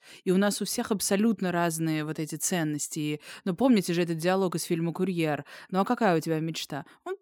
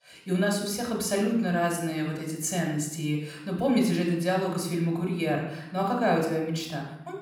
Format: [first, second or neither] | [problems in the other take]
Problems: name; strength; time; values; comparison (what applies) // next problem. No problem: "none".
first | off-mic speech; somewhat distant // room echo; noticeable; dies away in 0.7 s